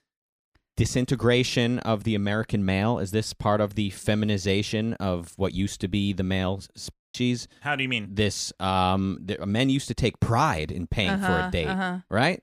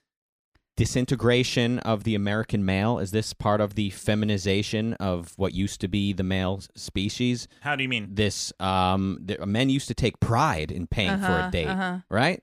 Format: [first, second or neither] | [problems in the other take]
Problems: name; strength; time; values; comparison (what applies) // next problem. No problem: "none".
second | audio cutting out; at 7 s